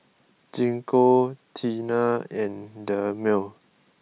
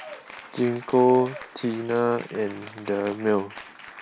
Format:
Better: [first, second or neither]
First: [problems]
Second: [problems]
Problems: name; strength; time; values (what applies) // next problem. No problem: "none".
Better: first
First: none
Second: background sound (Applause / Cheering); 17 dB below the speech